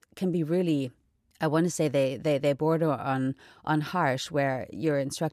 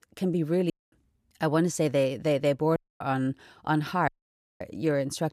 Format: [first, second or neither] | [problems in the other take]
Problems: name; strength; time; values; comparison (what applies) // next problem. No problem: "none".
first | audio cutting out; at 0.5 s, at 3 s and at 4 s for 0.5 s